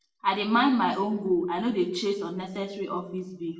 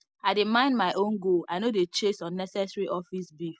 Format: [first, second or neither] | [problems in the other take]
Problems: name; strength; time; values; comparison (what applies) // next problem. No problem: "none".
second | room echo; dies away in 0.6 s